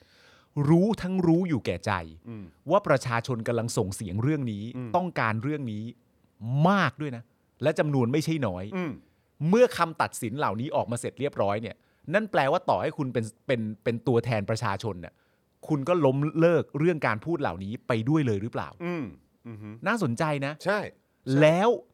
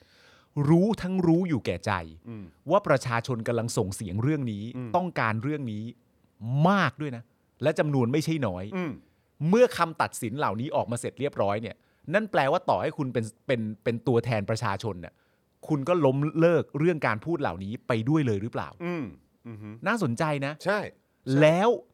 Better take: neither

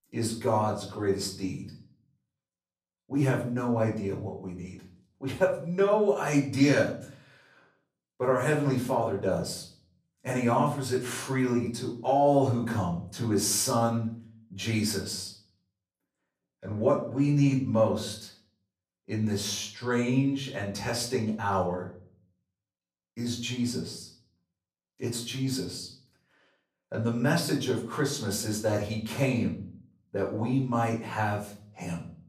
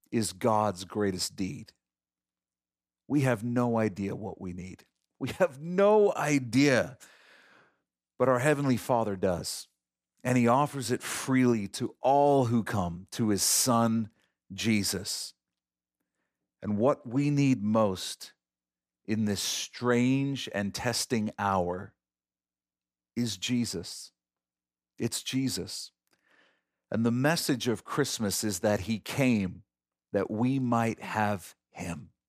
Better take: second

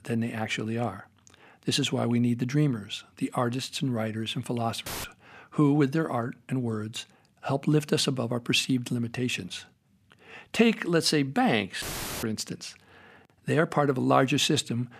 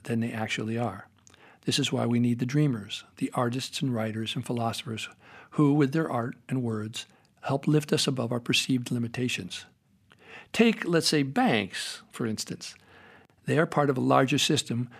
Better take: second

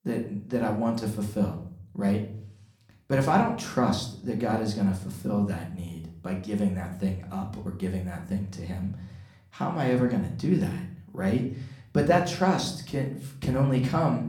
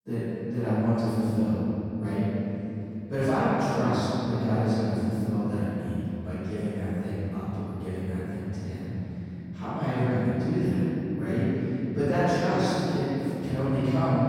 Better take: first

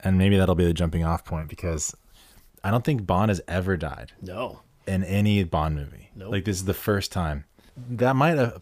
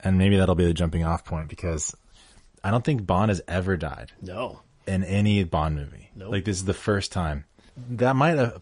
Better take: first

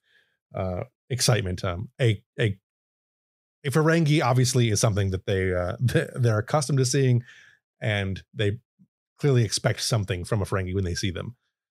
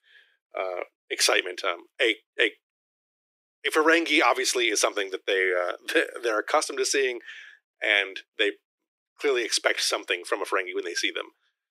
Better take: first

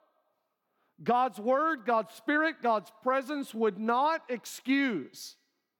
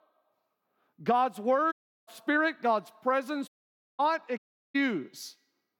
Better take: first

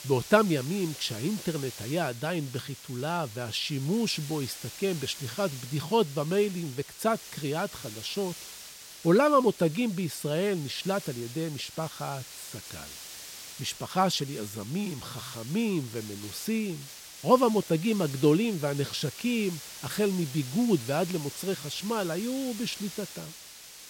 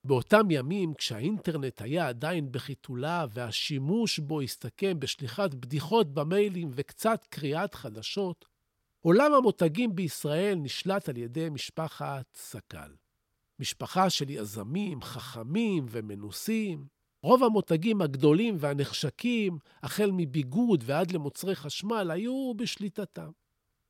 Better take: second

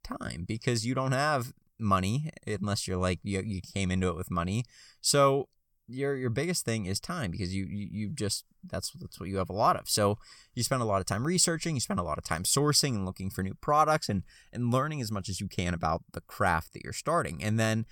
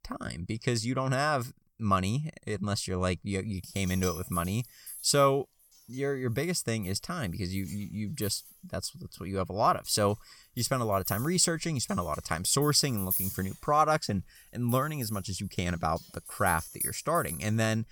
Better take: first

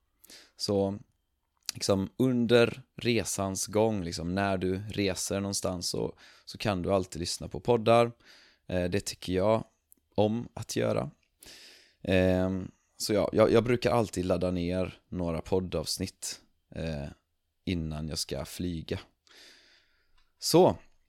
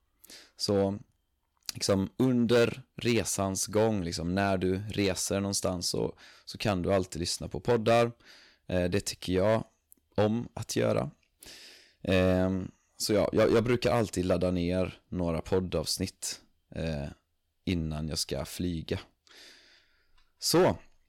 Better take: first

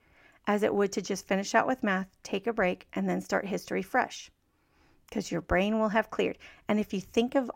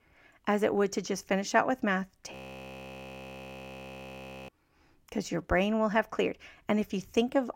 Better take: first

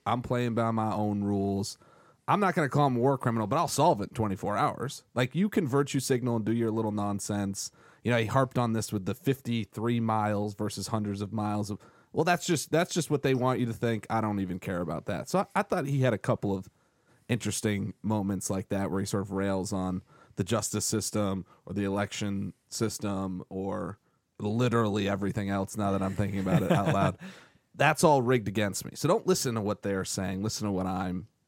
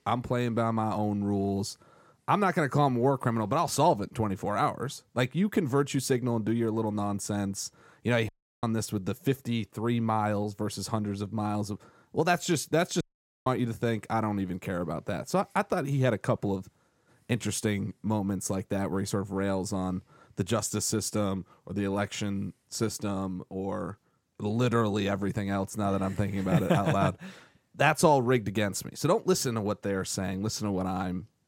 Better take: first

